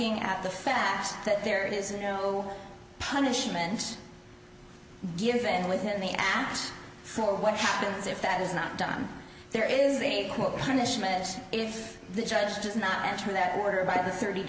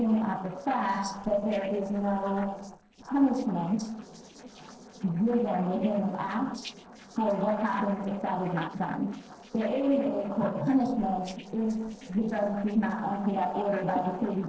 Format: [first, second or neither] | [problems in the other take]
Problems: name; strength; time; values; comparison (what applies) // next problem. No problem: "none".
first | noise reduction (neural separator model SepFormer DNS4)